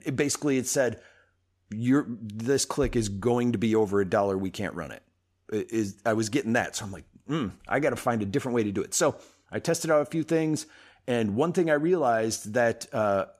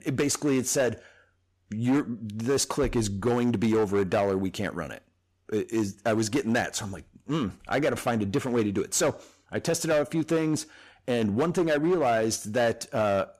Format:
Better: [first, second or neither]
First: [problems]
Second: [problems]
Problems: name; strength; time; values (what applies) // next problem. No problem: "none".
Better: first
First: none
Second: distortion; slight; 9% of the sound clipped